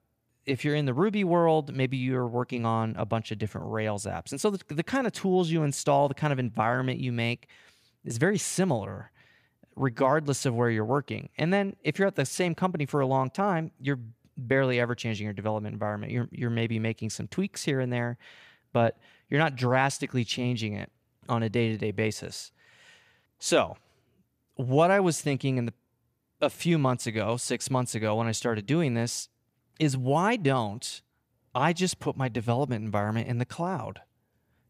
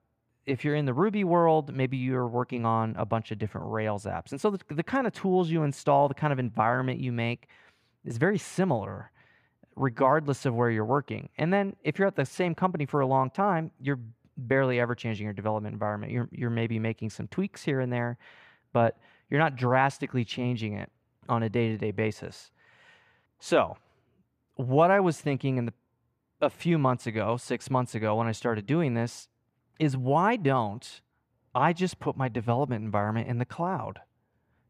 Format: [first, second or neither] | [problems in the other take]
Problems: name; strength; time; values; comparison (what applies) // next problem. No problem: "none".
first | muffled; slightly; fading above 3.5 kHz